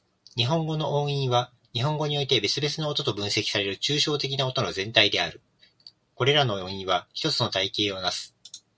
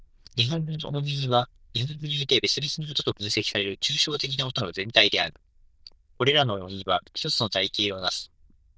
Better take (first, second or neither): first